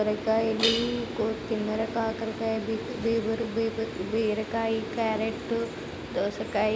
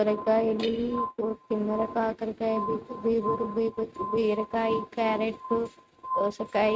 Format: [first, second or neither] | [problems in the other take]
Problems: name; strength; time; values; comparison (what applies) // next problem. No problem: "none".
first | noise reduction (neural mask model RNNoise)